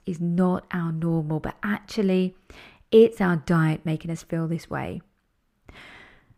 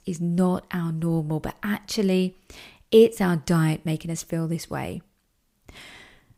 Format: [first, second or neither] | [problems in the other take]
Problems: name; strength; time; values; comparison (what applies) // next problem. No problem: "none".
second | muffled; slightly; fading above 3.5 kHz